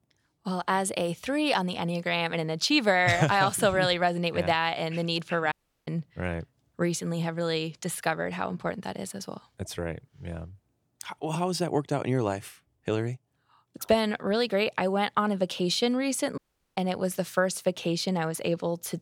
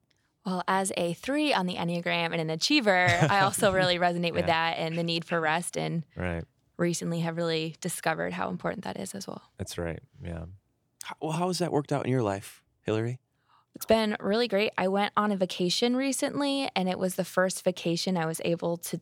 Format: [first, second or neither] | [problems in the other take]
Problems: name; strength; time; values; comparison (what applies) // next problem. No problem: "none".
second | audio cutting out; at 5.5 s and at 16 s